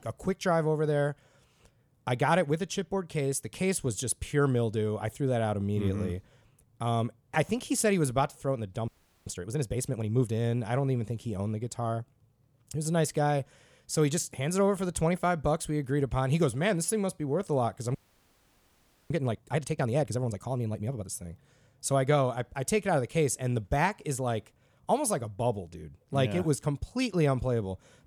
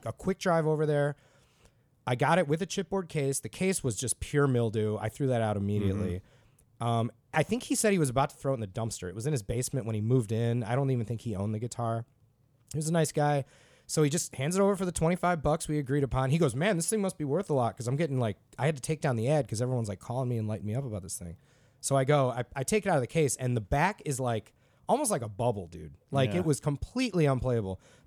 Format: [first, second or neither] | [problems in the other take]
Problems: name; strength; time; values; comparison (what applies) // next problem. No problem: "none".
second | audio freezing; at 9 s and at 18 s for 1 s